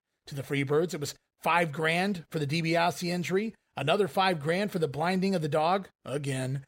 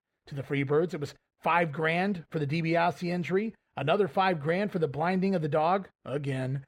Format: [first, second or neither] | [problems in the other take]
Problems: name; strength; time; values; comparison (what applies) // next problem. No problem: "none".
first | muffled; slightly; fading above 4 kHz